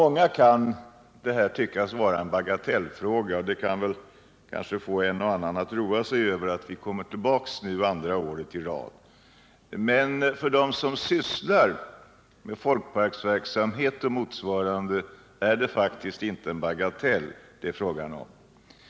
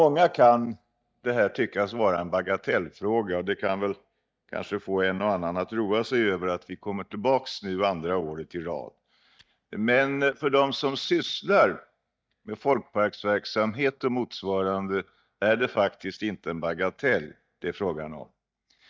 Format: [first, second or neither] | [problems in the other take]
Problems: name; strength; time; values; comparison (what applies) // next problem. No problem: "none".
first | noise reduction (neural mask model DeepFilterNet 3)